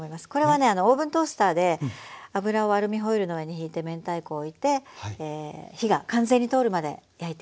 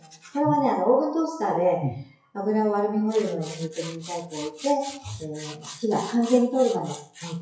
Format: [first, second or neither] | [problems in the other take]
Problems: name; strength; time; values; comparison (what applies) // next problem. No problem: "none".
first | noise reduction (classical method WPE with log-MMSE)